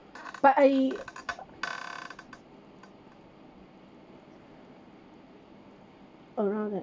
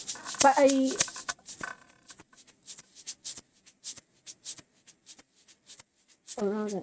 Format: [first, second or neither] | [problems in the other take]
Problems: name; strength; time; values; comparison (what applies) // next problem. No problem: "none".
first | noise reduction (neural mask model RNNoise)